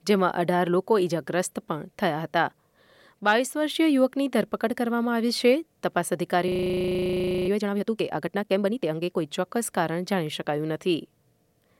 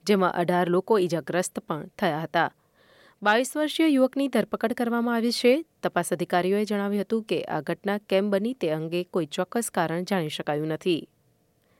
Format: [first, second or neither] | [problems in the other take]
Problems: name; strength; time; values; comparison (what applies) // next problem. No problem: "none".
second | audio freezing; at 6.5 s for 1 s